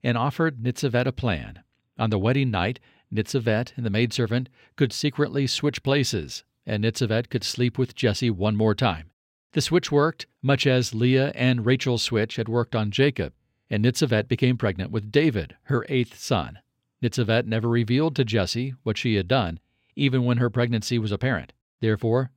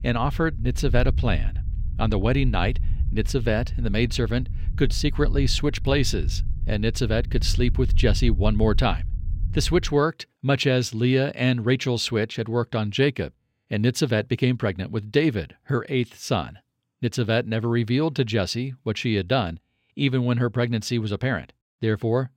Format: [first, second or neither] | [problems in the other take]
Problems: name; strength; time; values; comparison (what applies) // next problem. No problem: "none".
first | low rumble; faint; until 10 s; 20 dB below the speech